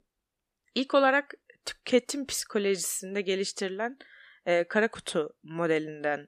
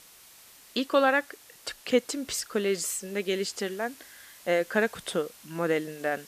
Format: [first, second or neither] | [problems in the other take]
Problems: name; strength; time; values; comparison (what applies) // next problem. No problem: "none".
first | hiss; faint; throughout; 20 dB below the speech